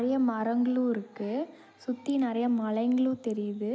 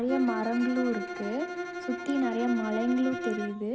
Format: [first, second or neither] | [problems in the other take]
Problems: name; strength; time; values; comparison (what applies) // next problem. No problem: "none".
first | background sound (Bowed string instrument); 6 dB below the speech